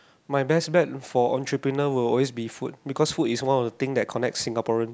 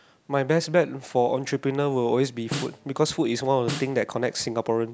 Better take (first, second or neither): first